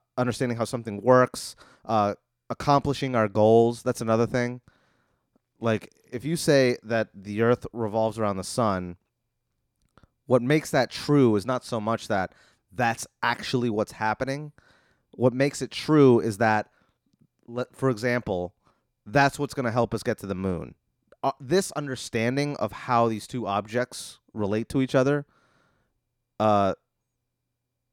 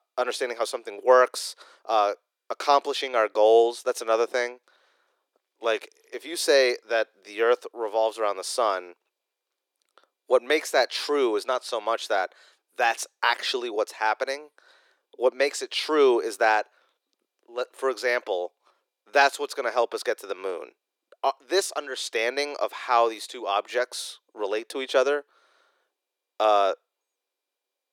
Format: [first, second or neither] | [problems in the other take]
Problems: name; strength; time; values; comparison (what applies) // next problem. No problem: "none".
first | thin; very; fading below 350 Hz